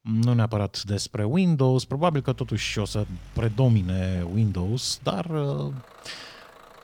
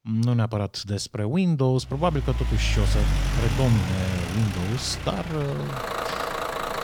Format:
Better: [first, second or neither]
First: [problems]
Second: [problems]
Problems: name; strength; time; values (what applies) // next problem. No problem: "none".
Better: first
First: traffic noise; faint; from 2.5 s on; 25 dB below the speech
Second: traffic noise; loud; from 2.5 s on; 3 dB below the speech